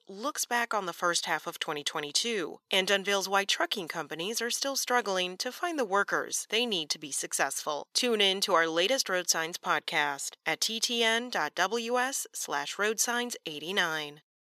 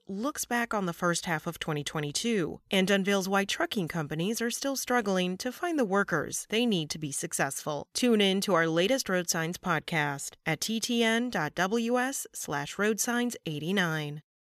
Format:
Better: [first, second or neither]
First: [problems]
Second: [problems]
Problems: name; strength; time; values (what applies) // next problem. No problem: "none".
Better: second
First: thin; somewhat; fading below 400 Hz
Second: none